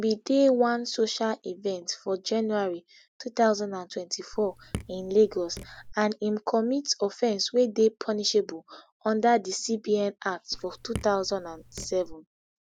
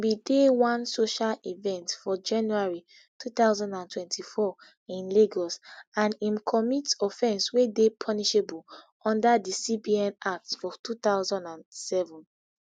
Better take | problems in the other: second | background sound (Raindrop / Drip); 14 dB below the speech

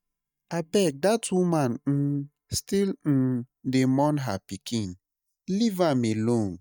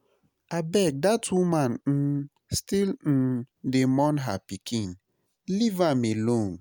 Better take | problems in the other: second | noise reduction (neural mask model DeepFilterNet 3)

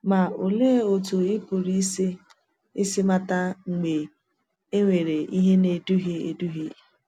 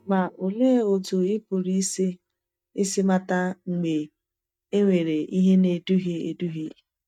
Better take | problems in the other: first | noise reduction (neural mask model DeepFilterNet 3)

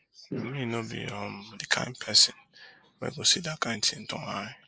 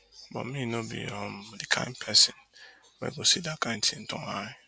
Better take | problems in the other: second | noise reduction (neural mask model Resemble Enhance denoiser)

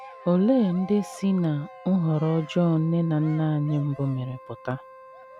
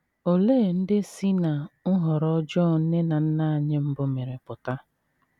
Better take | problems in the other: second | background sound (Cheering + Wind instrument, woodwind instrument); 19 dB below the speech

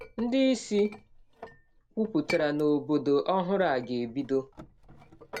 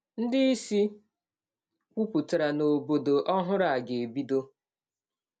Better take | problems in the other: second | background sound (Chink, clink); 17 dB below the speech

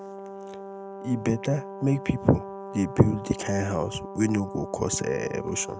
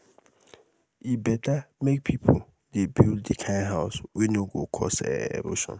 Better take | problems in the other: second | background sound (Brass instrument); 12 dB below the speech

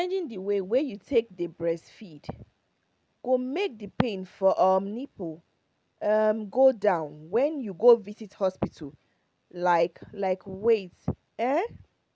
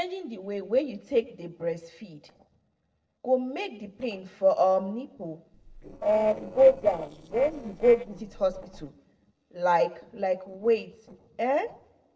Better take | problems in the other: first | noise reduction (neural separator model SepFormer DNS4)

